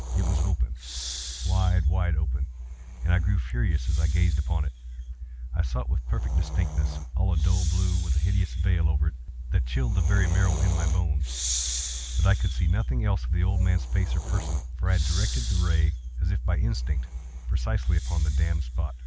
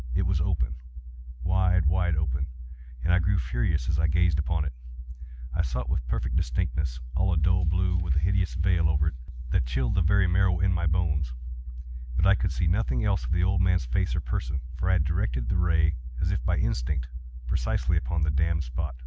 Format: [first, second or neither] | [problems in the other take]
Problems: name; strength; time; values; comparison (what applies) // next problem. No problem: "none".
second | background sound (Breathing); 16 dB below the speech